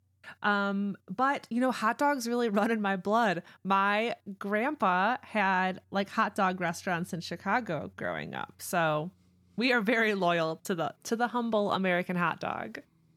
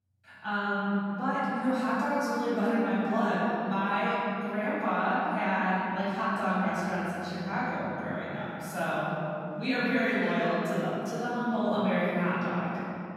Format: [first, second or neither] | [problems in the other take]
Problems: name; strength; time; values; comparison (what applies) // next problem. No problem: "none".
first | off-mic speech; far // room echo; strong; dies away in 3 s